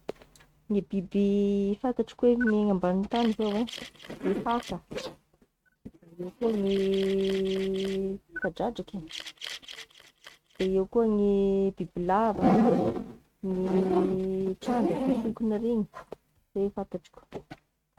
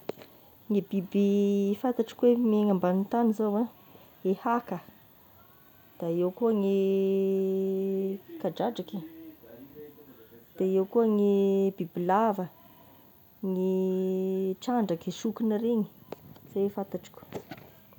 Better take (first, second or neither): second